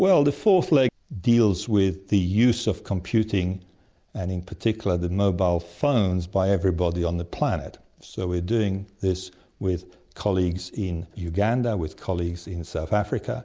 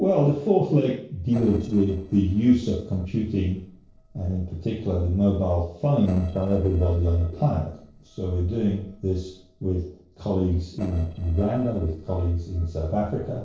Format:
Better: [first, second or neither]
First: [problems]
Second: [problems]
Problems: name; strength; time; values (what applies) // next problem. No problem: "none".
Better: first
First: none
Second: noise reduction (neural separator model SepFormer DNS4)